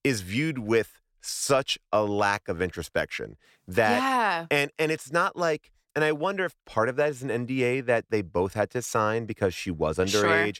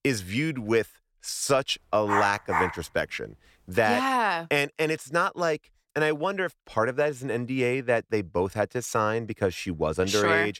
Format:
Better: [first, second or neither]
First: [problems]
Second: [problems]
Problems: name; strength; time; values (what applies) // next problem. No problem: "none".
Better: first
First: none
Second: dog barking; noticeable; at 2 s; peak 1 dB below the speech